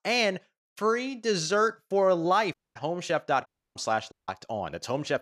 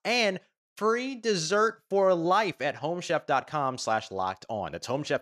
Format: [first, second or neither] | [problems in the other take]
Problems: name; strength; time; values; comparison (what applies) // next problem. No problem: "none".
second | audio cutting out; at 2.5 s, at 3.5 s and at 4 s